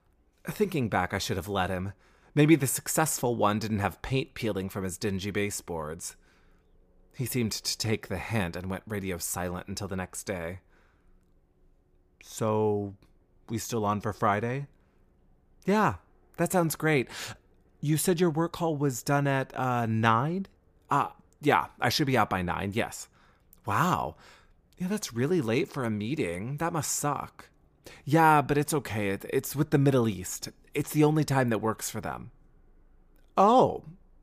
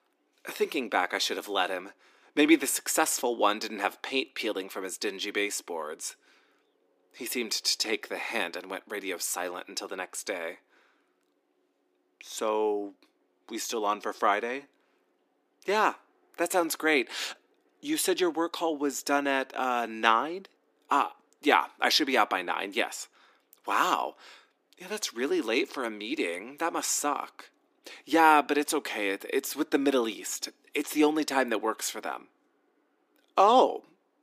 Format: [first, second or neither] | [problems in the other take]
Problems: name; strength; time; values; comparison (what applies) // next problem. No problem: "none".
first | thin; somewhat; fading below 250 Hz